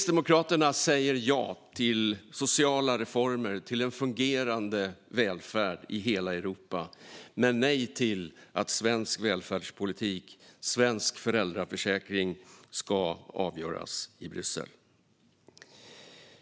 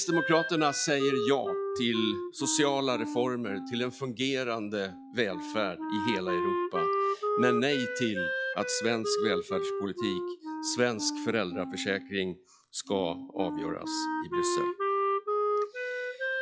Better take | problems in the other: first | noise reduction (classical method log-MMSE)

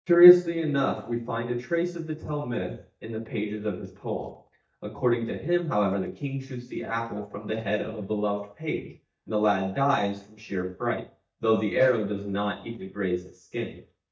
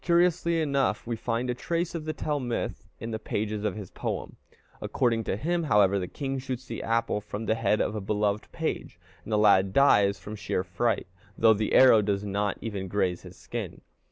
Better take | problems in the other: second | noise reduction (neural mask model DeepFilterNet 3)

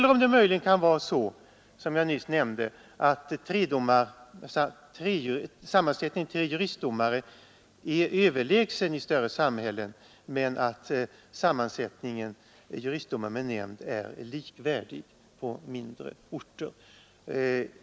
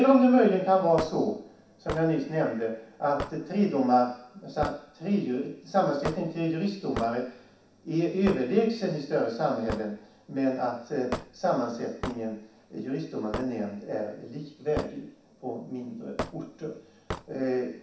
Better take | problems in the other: first | background sound (Hammer / Wood); 14 dB below the speech // room echo; dies away in 0.7 s

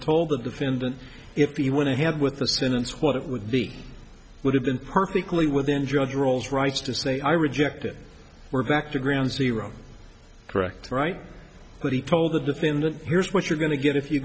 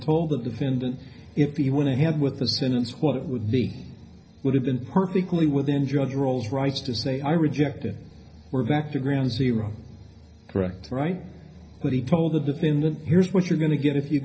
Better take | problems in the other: first | room echo; dies away in 0.5 s

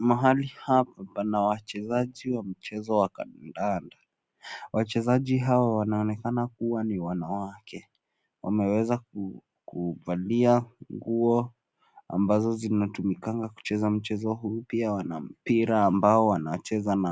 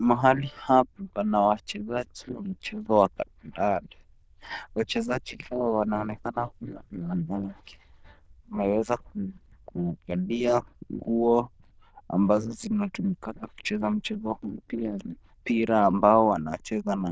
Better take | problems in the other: first | noise reduction (neural diffusion model UNIVERSE++)

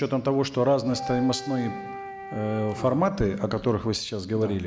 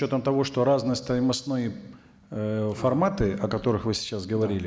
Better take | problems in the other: second | background sound (Wind instrument, woodwind instrument); 12 dB below the speech

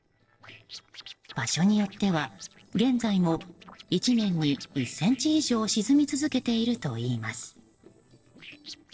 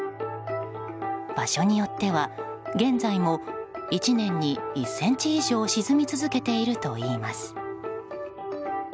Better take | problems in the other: second | noise reduction (neural separator model SepFormer DNS4)

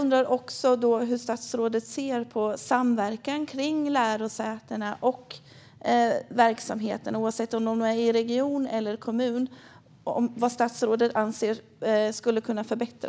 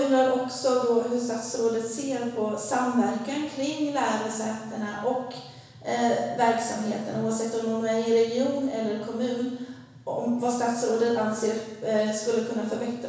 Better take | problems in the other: first | room echo; dies away in 1.1 s

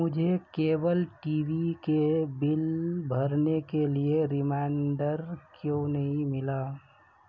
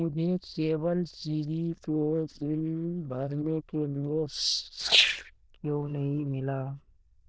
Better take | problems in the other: first | noise reduction (neural diffusion model UNIVERSE++)

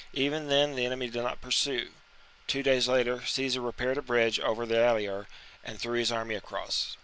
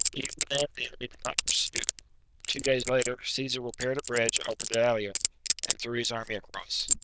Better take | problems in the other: first | noise reduction (neural diffusion model UNIVERSE++)

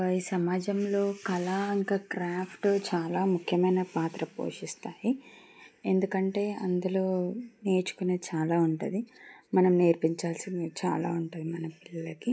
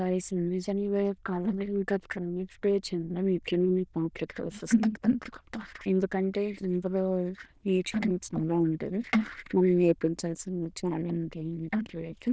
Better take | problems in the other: first | noise reduction (neural diffusion model UNIVERSE++)

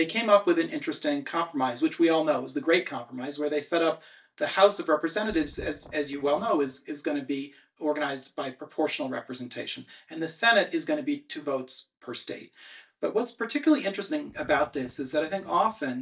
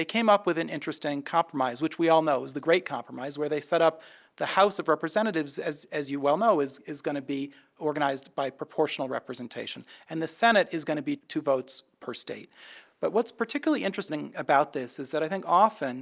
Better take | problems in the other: second | noise reduction (neural mask model DeepFilterNet 3)

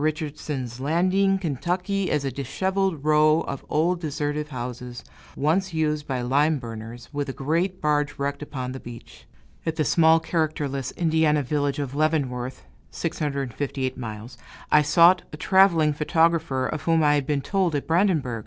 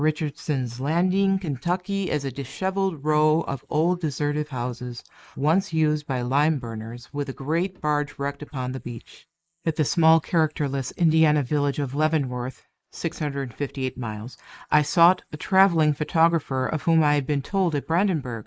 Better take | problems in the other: first | noise reduction (neural mask model Resemble Enhance denoiser)

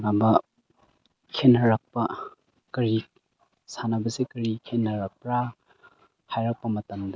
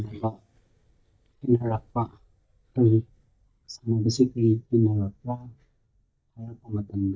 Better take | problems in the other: first | noise reduction (neural mask model DeepFilterNet 3)

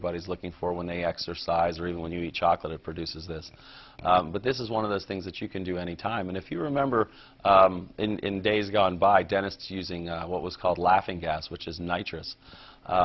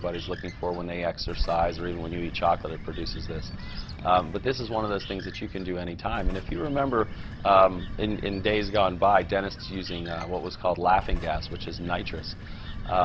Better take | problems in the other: first | background sound (Bird); 8 dB below the speech

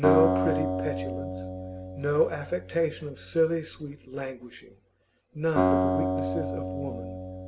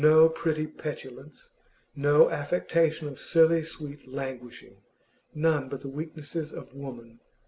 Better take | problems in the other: second | background sound (Acoustic guitar); as loud as the speech

